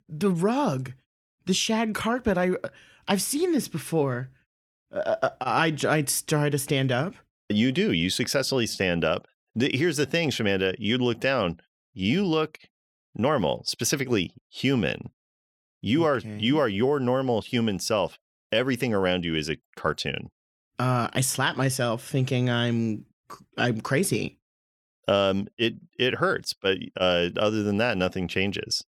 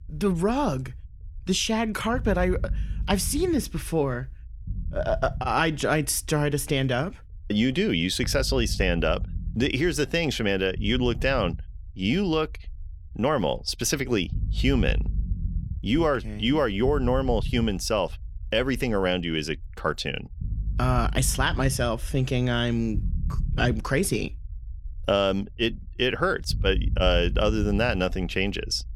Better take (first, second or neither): first